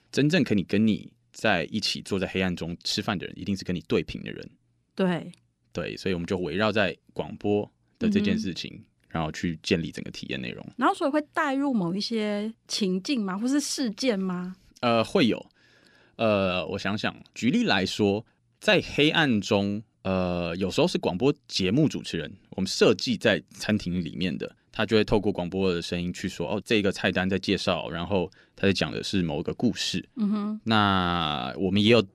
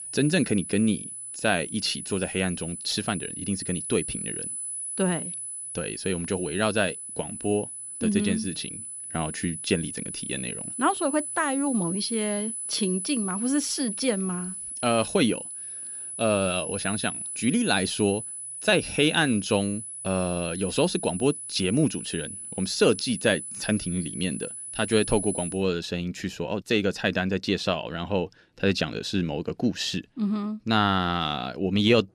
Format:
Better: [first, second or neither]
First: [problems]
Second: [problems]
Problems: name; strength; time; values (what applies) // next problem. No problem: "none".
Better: first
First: none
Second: high-pitched whine; loud; until 26 s; 10 kHz, 6 dB below the speech